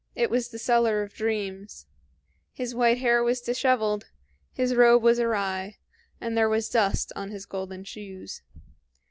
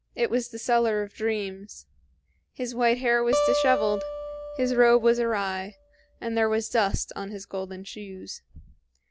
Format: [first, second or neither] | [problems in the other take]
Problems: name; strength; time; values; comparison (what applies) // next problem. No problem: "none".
first | background sound (Acoustic guitar); 4 dB below the speech